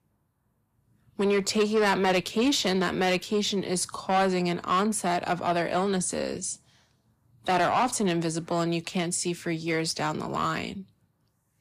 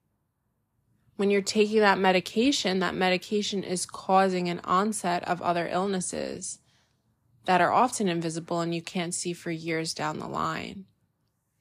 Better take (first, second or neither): second